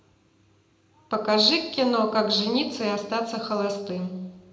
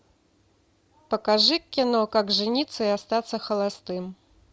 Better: second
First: room echo; dies away in 0.8 s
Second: none

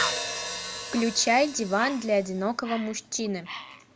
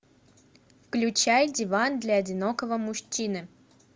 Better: second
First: background sound (Bird + Hi-hat); 8 dB below the speech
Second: none

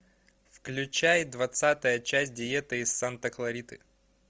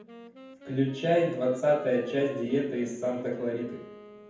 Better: first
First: none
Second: background sound (Wind instrument, woodwind instrument); 19 dB below the speech // room echo; dies away in 0.9 s

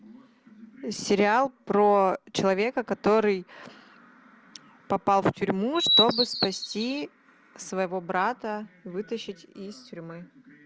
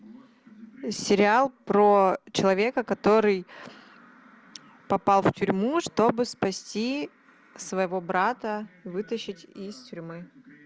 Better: second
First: background sound (Bird vocalization, bird call, bird song); 1 dB above the speech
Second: none

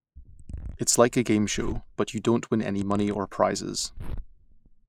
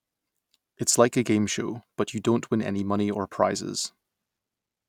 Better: second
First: noise reduction (neural mask model Resemble Enhance denoiser)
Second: none

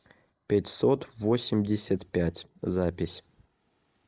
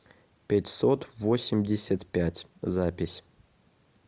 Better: second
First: noise reduction (neural mask model Resemble Enhance denoiser)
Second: none

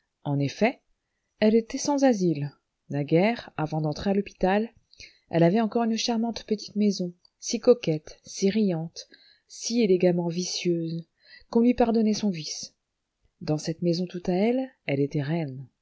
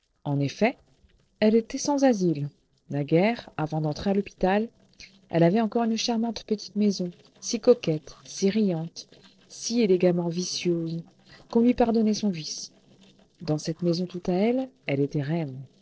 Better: first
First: none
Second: noise reduction (neural separator model SepFormer DNS4)

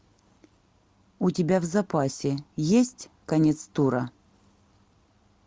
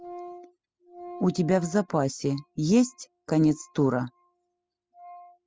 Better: first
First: none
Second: noise reduction (classical method spectral subtraction)

